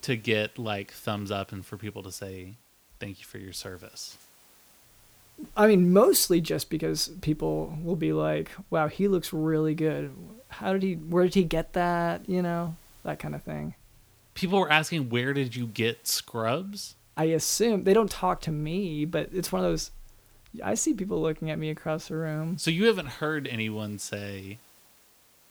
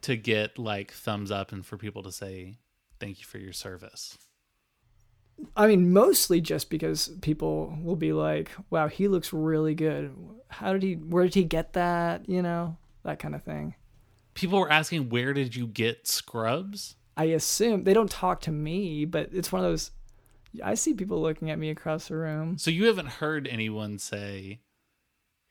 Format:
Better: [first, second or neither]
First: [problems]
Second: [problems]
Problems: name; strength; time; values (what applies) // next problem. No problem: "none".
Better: second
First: hiss; faint; throughout; 30 dB below the speech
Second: none